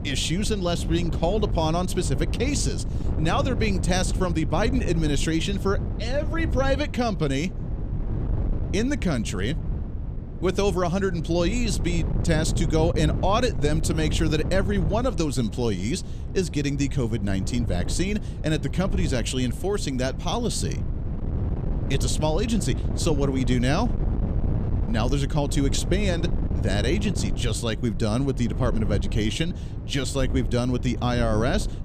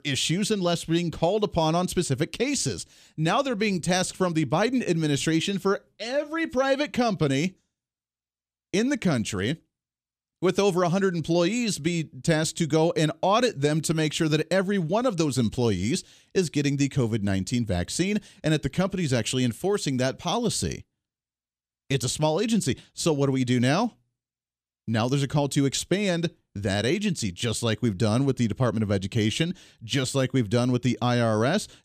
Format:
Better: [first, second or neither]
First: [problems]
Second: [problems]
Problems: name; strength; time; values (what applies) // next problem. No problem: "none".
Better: second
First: wind noise on the microphone; occasional gusts; 10 dB below the speech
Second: none